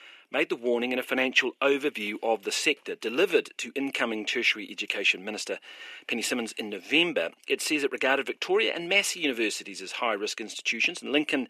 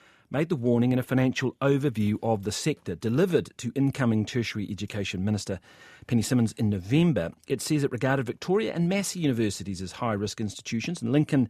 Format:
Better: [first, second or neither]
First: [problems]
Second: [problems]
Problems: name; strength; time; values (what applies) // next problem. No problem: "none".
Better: second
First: thin; somewhat; fading below 300 Hz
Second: none